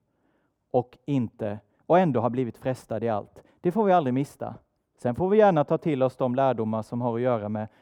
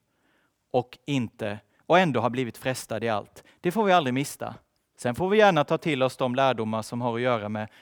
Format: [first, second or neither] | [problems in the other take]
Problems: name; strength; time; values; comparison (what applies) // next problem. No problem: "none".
second | muffled; slightly; fading above 1.5 kHz